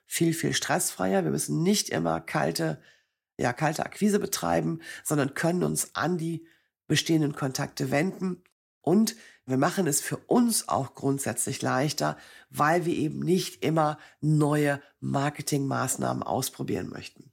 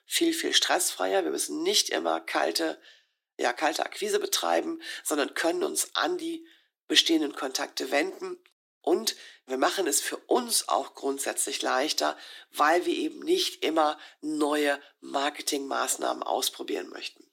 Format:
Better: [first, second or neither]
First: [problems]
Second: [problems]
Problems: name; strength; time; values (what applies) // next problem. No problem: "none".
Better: first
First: none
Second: thin; somewhat; fading below 300 Hz